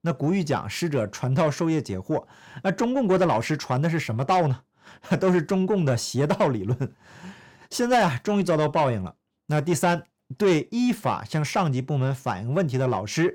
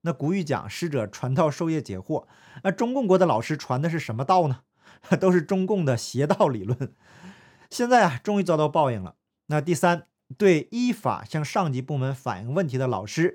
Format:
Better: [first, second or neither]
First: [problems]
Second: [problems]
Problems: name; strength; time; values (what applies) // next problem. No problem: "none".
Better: second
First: distortion; slight; 10 dB below the speech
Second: none